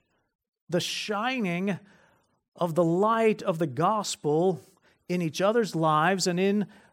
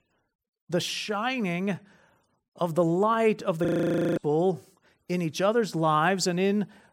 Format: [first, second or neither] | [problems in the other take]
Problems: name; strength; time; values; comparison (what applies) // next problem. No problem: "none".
first | audio freezing; at 3.5 s for 0.5 s